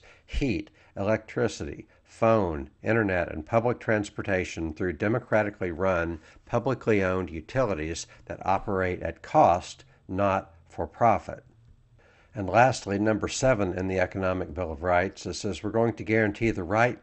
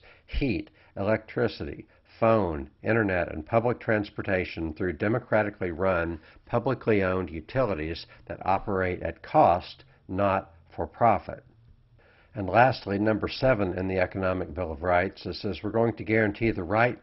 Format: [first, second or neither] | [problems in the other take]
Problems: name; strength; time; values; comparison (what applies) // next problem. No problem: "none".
first | garbled, watery; badly; nothing above 5.5 kHz; slightly in the first